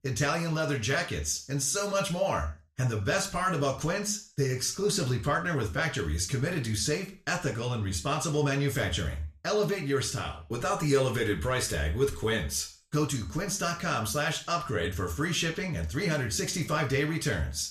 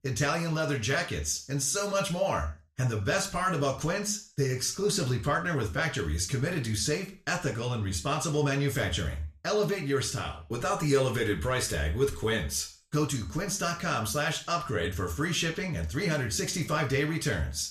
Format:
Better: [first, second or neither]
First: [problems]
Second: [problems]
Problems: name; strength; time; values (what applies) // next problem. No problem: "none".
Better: neither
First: room echo; slight; dies away in 0.4 s // off-mic speech; somewhat distant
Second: room echo; slight; dies away in 0.4 s // off-mic speech; somewhat distant